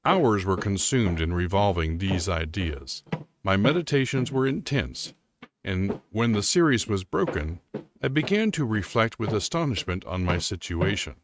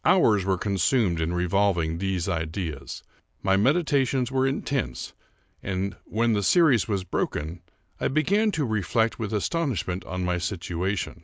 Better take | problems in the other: second | noise reduction (neural mask model RNNoise)

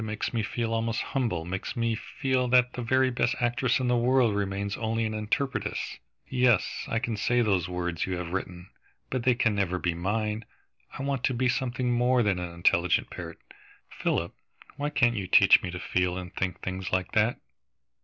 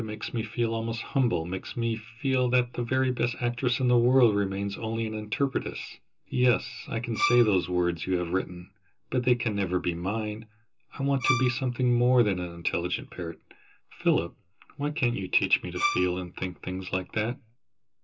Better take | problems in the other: first | background sound (Bowed string instrument); 5 dB below the speech // room echo; dies away in 0.2 s

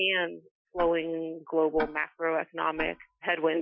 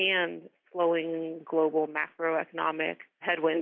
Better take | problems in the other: second | noise reduction (classical method Wiener filter)

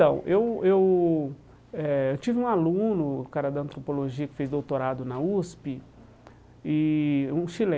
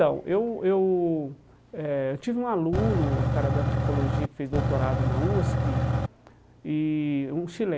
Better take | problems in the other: first | background sound (Engine / Truck / Car); 3 dB above the speech

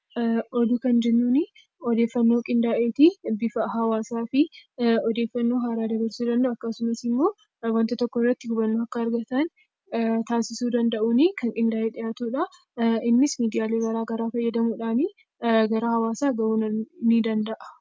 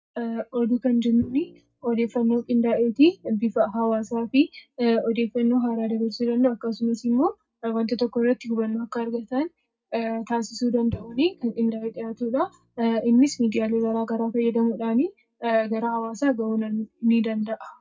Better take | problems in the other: first | noise reduction (neural mask model DeepFilterNet 3)

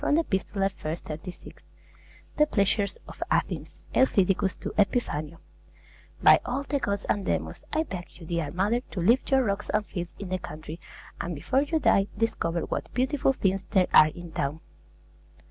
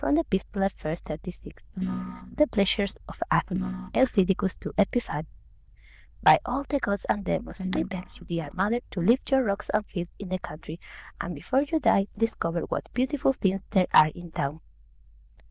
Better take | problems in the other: first | noise reduction (neural diffusion model UNIVERSE++)

